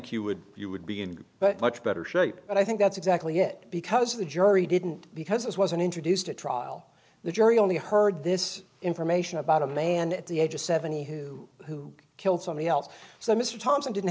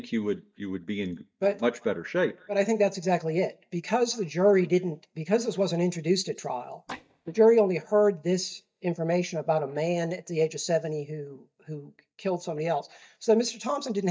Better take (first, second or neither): first